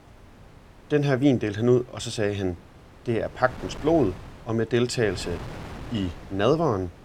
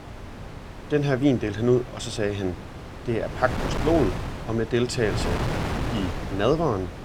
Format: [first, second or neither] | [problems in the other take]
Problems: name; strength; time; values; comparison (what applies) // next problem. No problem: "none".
first | wind noise on the microphone; heavy; 8 dB below the speech; occasional gusts in the first